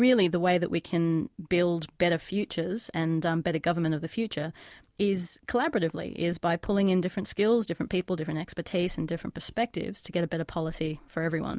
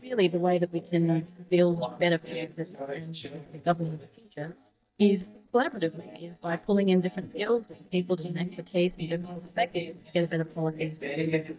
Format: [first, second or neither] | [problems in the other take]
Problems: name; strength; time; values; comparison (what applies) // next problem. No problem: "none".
first | noise reduction (neural mask model DeepFilterNet 3)